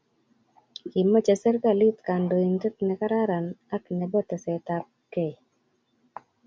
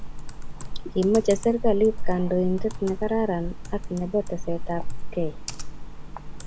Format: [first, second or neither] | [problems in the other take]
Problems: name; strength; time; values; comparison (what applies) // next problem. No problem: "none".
first | background sound (Computer keyboard); 1 dB below the speech